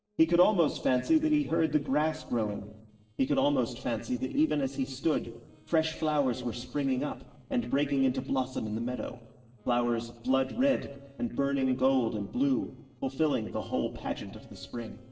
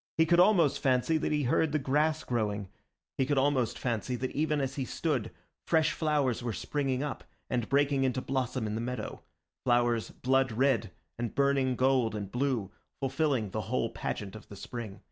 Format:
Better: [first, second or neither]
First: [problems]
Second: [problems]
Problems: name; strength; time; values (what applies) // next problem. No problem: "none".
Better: second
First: noise reduction (neural separator model SepFormer DNS4)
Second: none